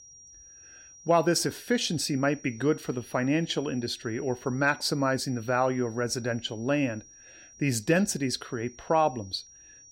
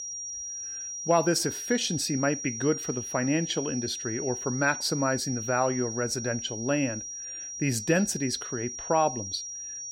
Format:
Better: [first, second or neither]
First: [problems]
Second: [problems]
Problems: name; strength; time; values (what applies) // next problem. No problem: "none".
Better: first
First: high-pitched whine; faint; throughout; 5.5 kHz, 20 dB below the speech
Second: high-pitched whine; loud; throughout; 5.5 kHz, 6 dB below the speech